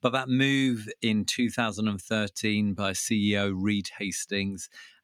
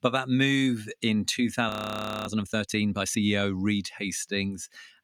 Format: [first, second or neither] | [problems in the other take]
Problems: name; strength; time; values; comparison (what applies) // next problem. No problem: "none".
first | audio freezing; at 1.5 s for 0.5 s